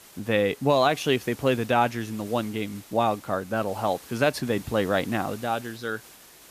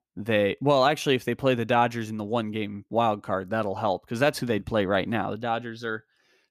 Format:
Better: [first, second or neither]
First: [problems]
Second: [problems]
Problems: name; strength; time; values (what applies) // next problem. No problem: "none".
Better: second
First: hiss; noticeable; throughout; 20 dB below the speech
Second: none